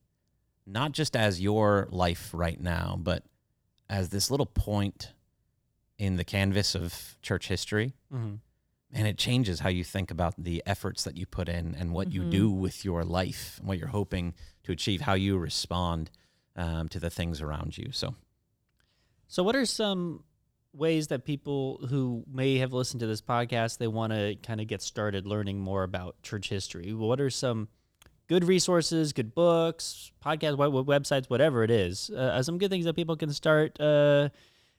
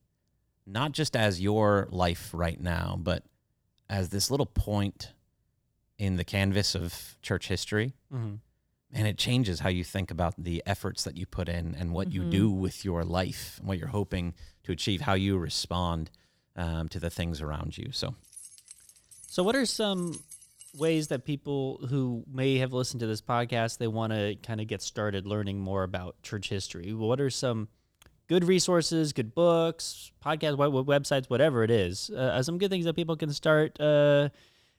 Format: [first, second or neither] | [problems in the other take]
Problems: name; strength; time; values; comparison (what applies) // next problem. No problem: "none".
first | jangling keys; faint; from 18 to 21 s; peak 15 dB below the speech